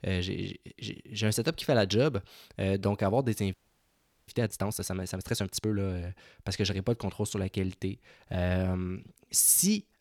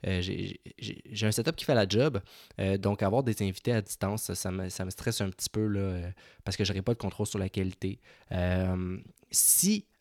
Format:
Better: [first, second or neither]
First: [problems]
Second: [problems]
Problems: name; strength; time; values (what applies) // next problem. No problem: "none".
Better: second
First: audio freezing; at 3.5 s for 0.5 s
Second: none